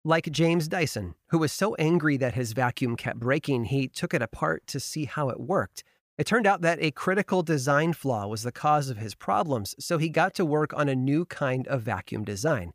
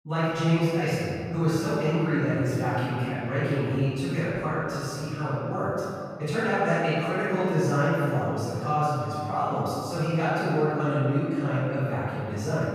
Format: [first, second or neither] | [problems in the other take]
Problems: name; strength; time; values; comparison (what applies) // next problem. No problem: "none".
first | off-mic speech; far // room echo; strong; dies away in 2.1 s